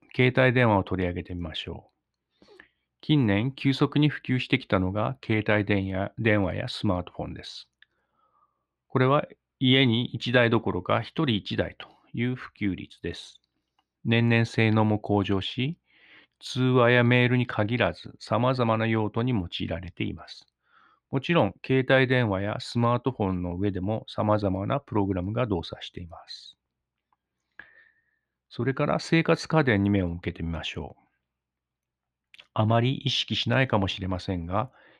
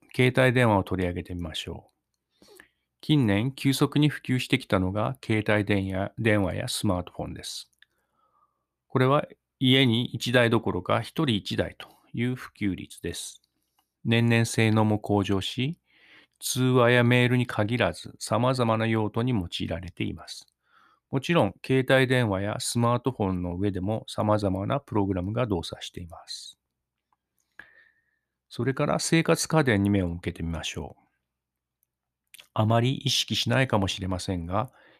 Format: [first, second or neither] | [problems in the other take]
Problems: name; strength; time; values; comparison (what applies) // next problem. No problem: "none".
second | muffled; very slightly; fading above 3 kHz